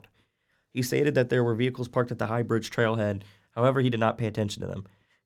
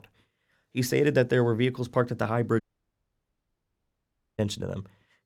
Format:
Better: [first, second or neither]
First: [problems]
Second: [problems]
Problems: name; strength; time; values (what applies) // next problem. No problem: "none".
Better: first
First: none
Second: audio cutting out; at 2.5 s for 2 s